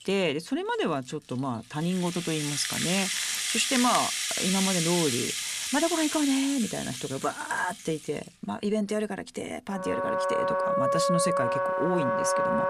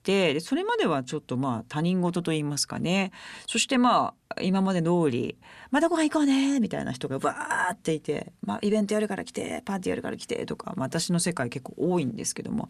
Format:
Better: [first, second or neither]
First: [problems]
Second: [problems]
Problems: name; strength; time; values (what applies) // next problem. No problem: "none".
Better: second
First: background music; very loud; throughout; 2 dB above the speech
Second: none